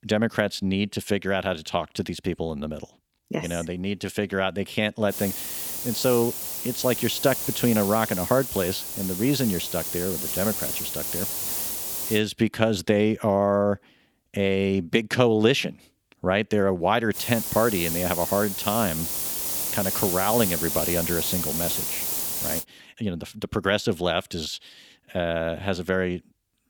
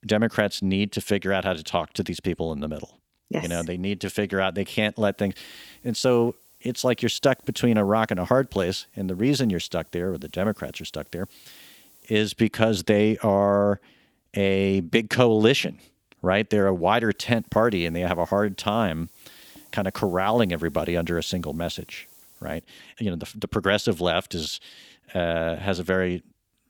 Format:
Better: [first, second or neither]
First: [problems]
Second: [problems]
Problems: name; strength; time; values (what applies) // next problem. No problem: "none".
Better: second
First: hiss; loud; from 5 to 12 s and from 17 to 23 s; 1 dB below the speech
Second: hiss; faint; from 5 to 12 s and from 17 to 23 s; 25 dB below the speech